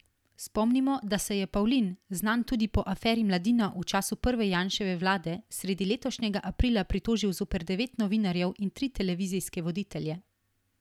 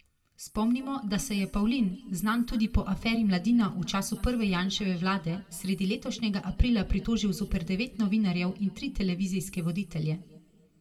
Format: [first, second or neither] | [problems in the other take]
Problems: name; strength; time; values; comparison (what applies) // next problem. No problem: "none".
first | room echo; dies away in 1.6 s